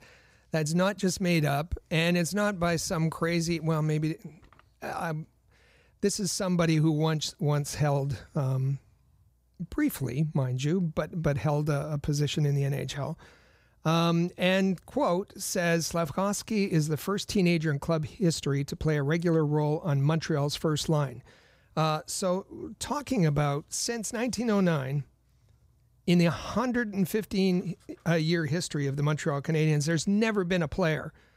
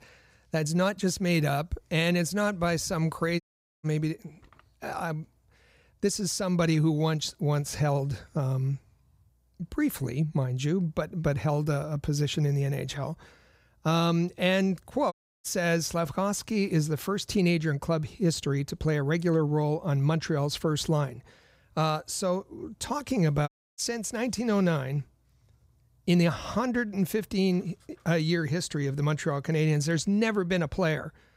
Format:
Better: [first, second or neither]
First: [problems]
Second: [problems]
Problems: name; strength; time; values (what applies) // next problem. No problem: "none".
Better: first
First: none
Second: audio cutting out; at 3.5 s, at 15 s and at 23 s